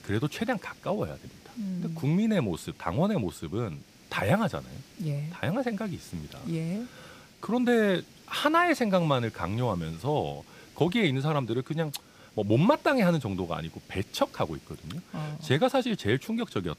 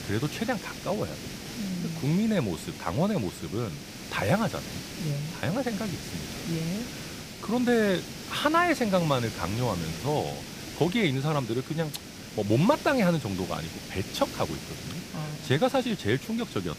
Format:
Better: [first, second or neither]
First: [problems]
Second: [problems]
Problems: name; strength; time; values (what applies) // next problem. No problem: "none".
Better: first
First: hiss; faint; throughout; 25 dB below the speech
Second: hiss; loud; throughout; 10 dB below the speech